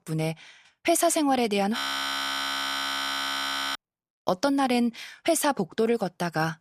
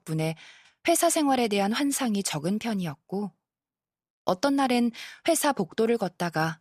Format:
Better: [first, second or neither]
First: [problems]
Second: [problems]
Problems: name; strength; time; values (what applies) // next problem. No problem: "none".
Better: second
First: audio freezing; at 2 s for 2 s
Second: none